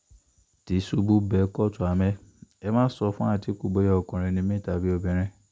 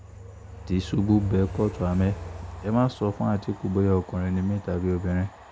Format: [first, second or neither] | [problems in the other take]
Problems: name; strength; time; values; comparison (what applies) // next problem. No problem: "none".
first | background sound (Train); 14 dB below the speech